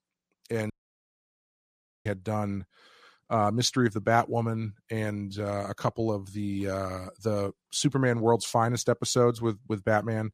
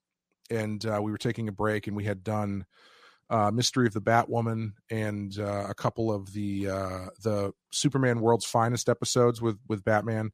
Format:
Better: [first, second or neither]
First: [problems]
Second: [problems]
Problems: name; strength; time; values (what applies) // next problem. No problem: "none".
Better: second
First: audio cutting out; at 0.5 s for 1.5 s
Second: none